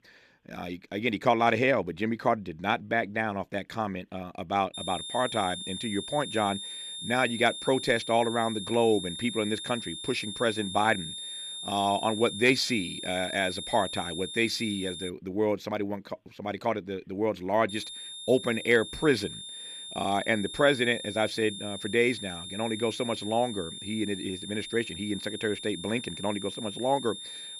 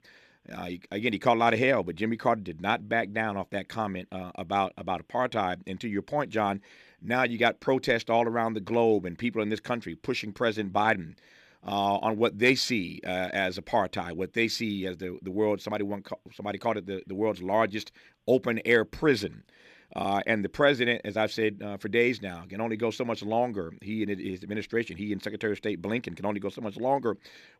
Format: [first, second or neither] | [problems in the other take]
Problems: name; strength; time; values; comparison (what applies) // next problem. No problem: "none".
second | high-pitched whine; loud; from 4.5 to 15 s and from 18 s on; 3.5 kHz, 8 dB below the speech